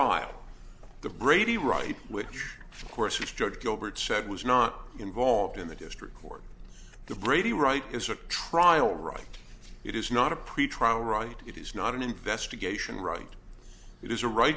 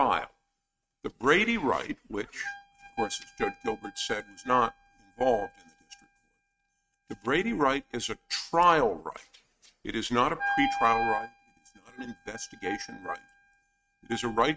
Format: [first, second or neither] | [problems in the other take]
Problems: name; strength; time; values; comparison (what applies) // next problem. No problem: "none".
first | noise reduction (neural mask model RNNoise)